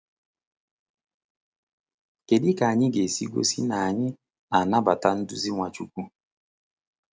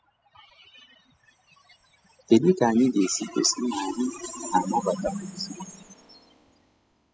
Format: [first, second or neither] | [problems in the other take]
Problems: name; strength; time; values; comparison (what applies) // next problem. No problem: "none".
first | noise reduction (classical method spectral subtraction)